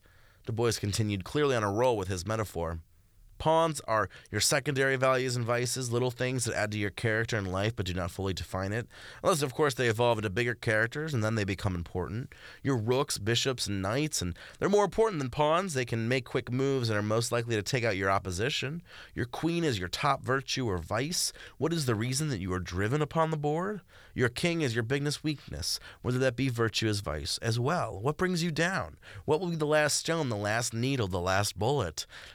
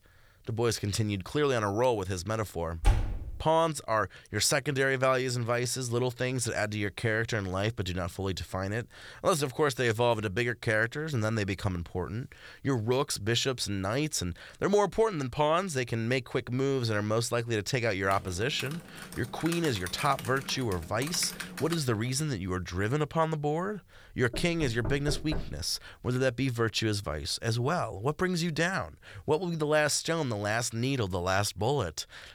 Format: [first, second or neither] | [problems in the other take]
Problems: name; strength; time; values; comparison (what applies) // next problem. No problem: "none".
first | door banging; loud; at 3 s; peak level with the speech // keyboard typing; noticeable; from 18 to 22 s; peak 8 dB below the speech // door banging; noticeable; from 24 to 26 s; peak 8 dB below the speech